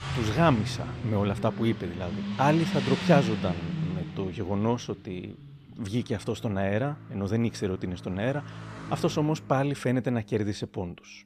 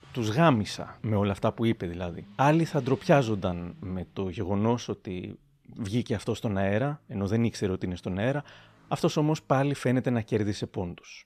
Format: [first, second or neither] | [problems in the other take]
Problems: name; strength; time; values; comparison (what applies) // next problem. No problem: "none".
second | traffic noise; loud; throughout; 6 dB below the speech; faint in the second